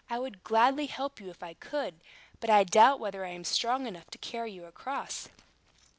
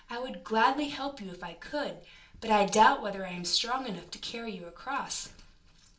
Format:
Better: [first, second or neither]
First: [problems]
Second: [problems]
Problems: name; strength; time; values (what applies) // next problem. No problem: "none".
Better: first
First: none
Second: room echo; dies away in 0.3 s